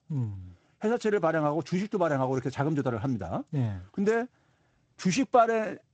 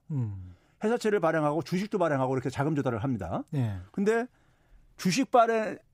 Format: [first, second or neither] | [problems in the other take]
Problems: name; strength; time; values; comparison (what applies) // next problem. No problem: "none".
second | garbled, watery; slightly; nothing above 7.5 kHz